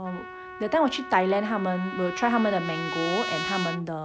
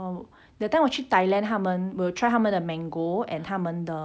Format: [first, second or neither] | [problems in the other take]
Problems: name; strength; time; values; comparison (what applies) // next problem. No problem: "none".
second | background sound (Trumpet); 8 dB below the speech